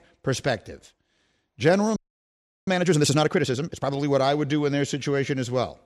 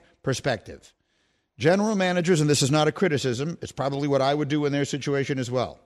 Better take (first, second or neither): second